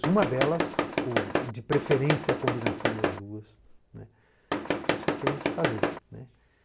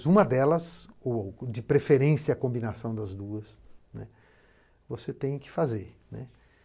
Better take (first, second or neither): second